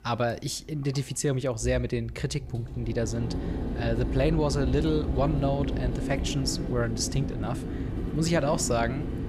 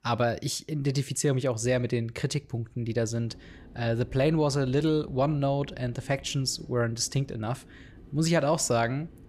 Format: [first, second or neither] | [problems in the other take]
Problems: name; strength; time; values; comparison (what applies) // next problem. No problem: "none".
second | machinery noise; loud; throughout; 4 dB below the speech; faint in the second